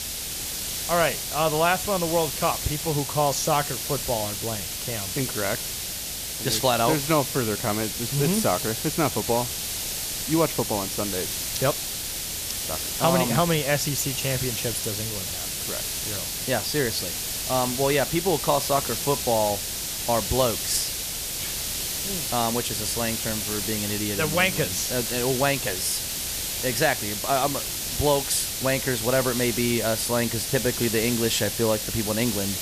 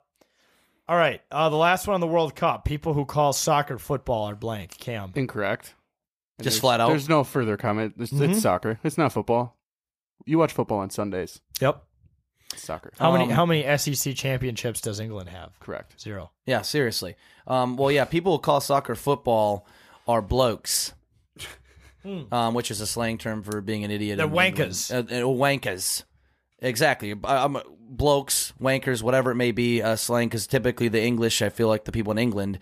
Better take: second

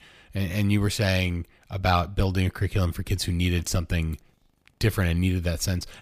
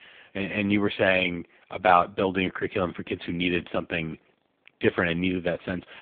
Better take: first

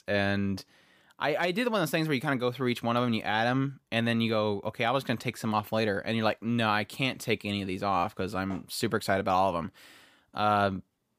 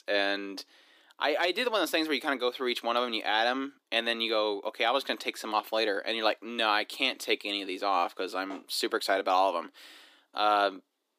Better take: first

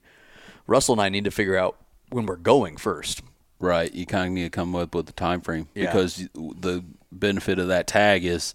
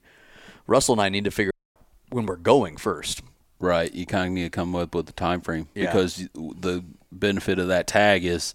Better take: first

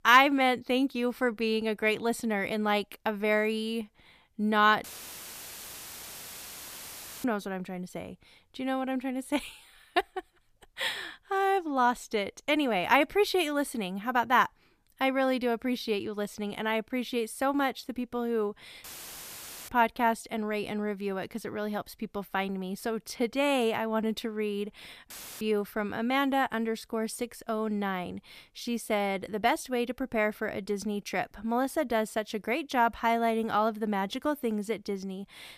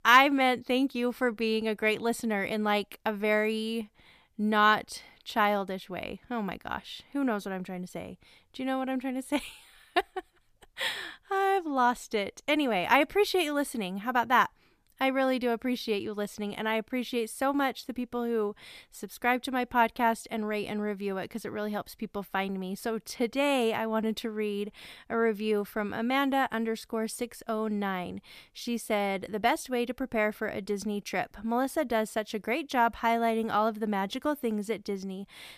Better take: second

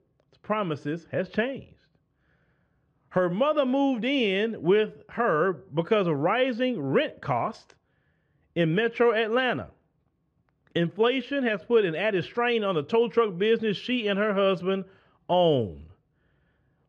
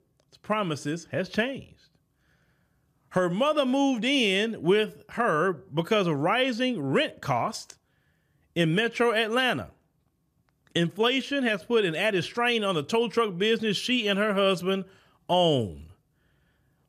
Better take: second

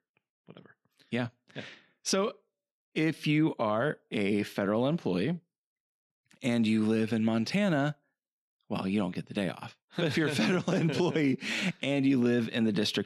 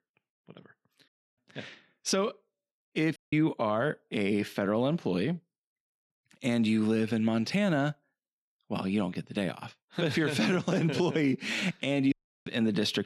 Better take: first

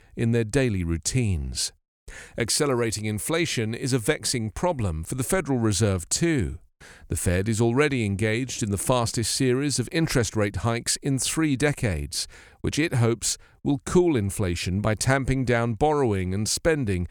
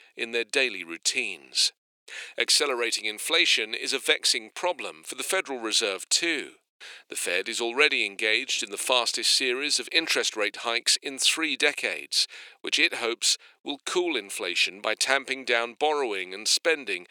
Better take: first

